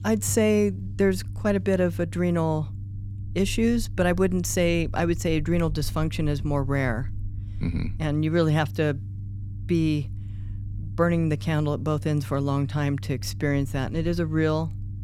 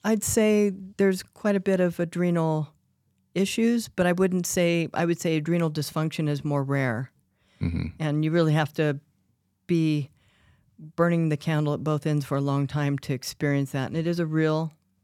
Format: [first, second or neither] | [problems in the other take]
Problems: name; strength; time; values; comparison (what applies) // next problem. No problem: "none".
second | low rumble; faint; throughout; 20 dB below the speech